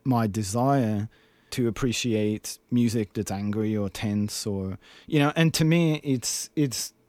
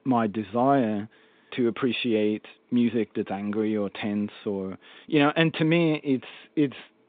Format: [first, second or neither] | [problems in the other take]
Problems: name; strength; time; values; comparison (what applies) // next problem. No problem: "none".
first | phone-call audio; nothing above 3.5 kHz